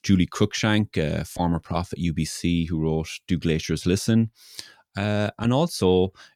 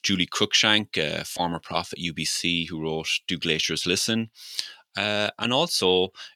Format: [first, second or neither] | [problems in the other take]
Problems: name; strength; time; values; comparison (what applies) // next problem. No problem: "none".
first | thin; somewhat; fading below 1 kHz